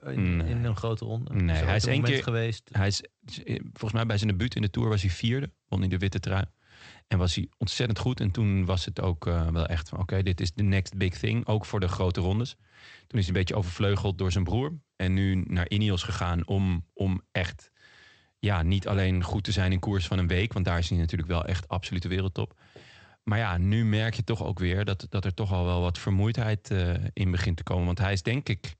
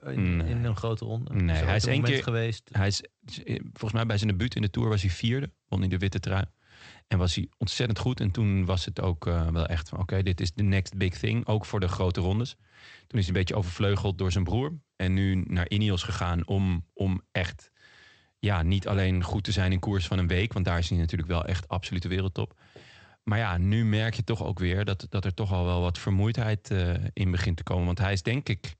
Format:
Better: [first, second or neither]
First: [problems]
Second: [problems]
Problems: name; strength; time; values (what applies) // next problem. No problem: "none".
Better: neither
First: garbled, watery; slightly; nothing above 8 kHz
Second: garbled, watery; slightly; nothing above 8 kHz